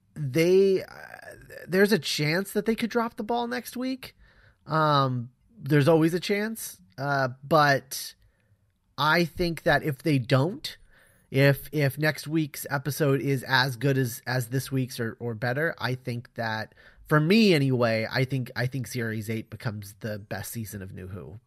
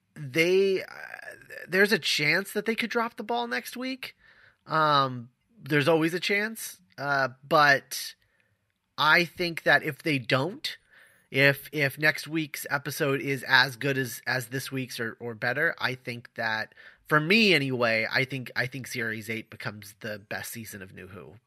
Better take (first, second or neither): first